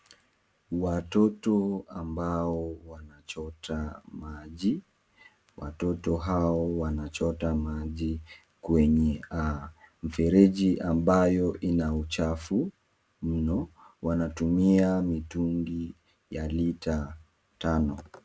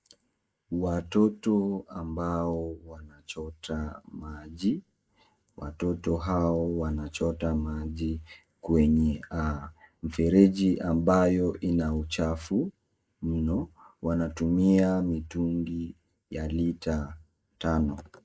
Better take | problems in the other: first | noise reduction (neural mask model Resemble Enhance denoiser)

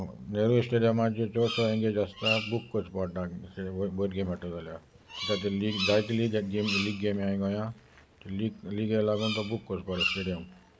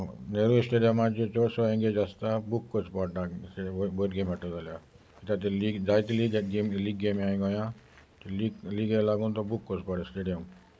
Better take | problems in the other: second | background sound (Bird vocalization, bird call, bird song); 10 dB below the speech

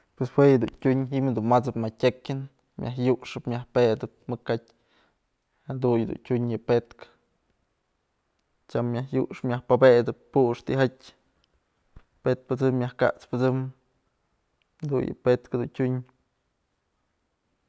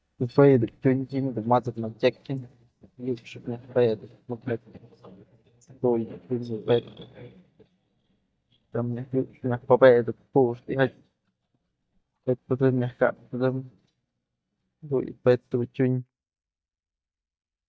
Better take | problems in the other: first | noise reduction (neural mask model DeepFilterNet 3)

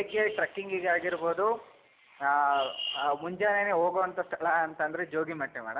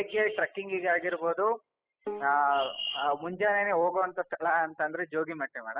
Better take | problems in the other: first | noise reduction (classical method spectral subtraction)

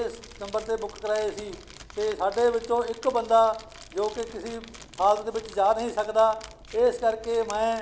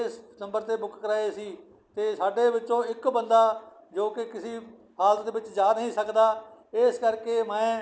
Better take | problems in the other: second | background sound (Crumpling, crinkling); 19 dB below the speech

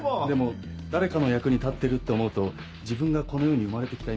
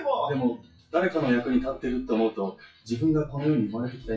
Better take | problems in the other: first | noise reduction (classical method WPE with log-MMSE)

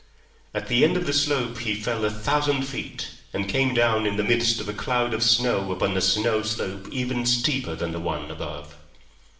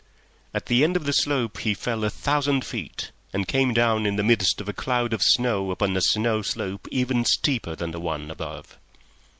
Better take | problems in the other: second | room echo; dies away in 0.7 s

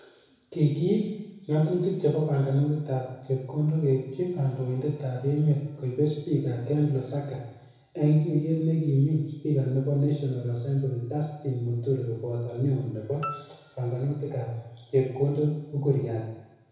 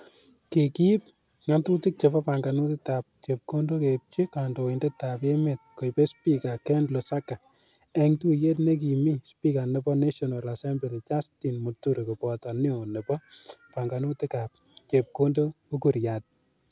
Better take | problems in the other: second | background sound (Piano); 14 dB below the speech // room echo; dies away in 1 s

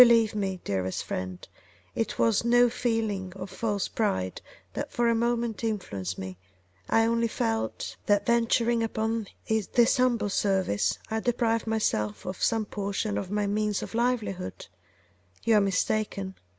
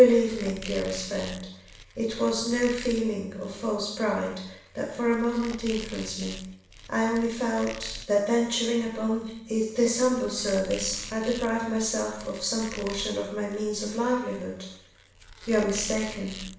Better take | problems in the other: first | background sound (Squeak); 17 dB below the speech // room echo; dies away in 0.7 s

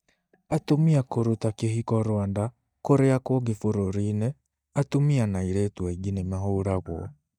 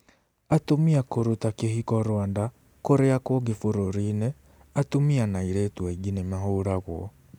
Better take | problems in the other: second | noise reduction (neural mask model DeepFilterNet 3)

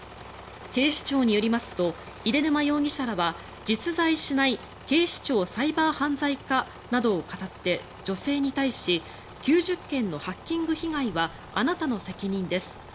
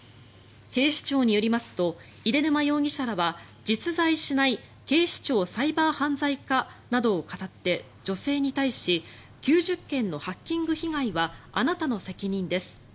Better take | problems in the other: second | background sound (Engine / Mechanisms); 18 dB below the speech

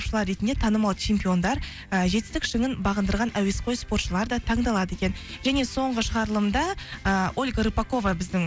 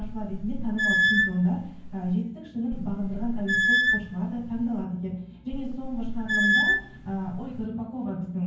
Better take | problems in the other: first | background sound (Squeak / Screech); 3 dB above the speech // room echo; dies away in 0.9 s

